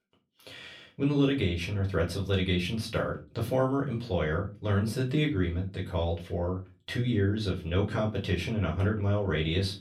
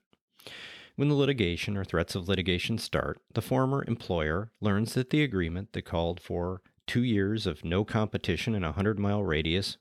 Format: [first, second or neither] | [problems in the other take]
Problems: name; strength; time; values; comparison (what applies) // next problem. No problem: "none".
second | off-mic speech; far // room echo; very slight; dies away in 0.2 s